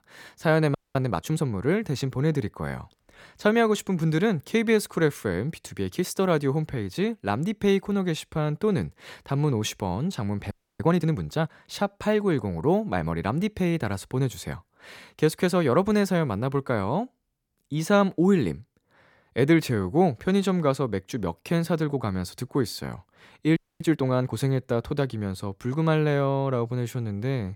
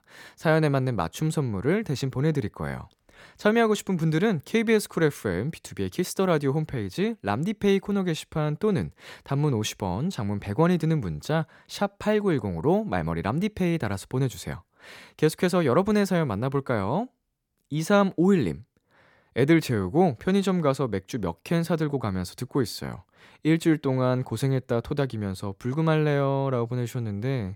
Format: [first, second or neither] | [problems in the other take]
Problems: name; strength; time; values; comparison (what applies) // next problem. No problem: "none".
second | audio freezing; at 1 s, at 11 s and at 24 s